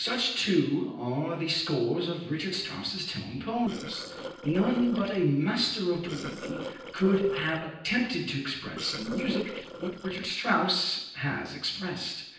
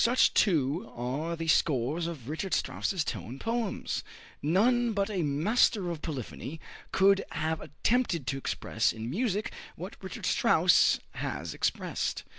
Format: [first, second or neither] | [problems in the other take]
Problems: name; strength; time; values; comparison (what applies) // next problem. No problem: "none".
second | noise reduction (neural separator model SepFormer DNS4)